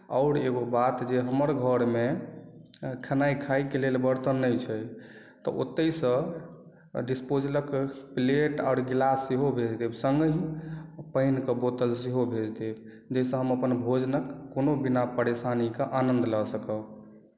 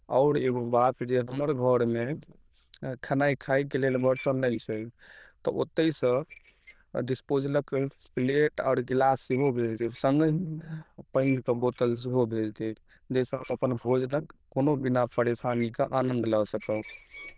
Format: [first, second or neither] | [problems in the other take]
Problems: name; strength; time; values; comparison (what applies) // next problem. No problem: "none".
first | noise reduction (neural diffusion model UNIVERSE++)